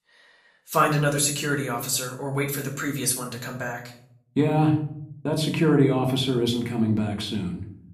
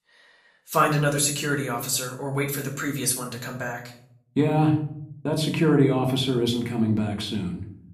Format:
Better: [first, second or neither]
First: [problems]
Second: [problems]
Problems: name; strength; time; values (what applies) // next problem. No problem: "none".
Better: neither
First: room echo; slight; dies away in 0.6 s // off-mic speech; somewhat distant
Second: room echo; slight; dies away in 0.6 s // off-mic speech; somewhat distant